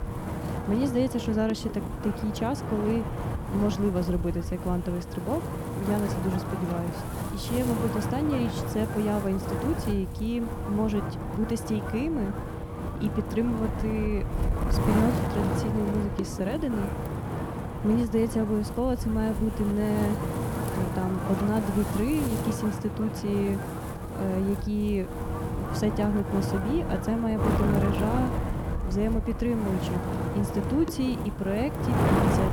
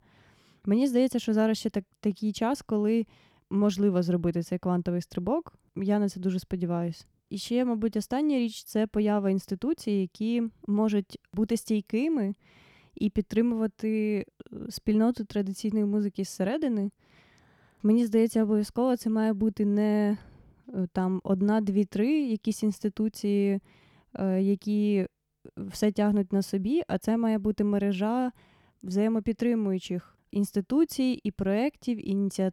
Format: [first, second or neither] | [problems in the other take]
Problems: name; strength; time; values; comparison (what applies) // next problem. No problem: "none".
second | wind noise on the microphone; heavy; 2 dB below the speech